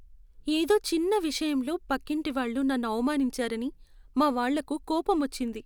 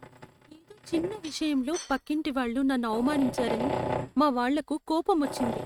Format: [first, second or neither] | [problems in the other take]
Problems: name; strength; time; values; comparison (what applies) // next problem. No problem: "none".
first | noise reduction (neural mask model RNNoise)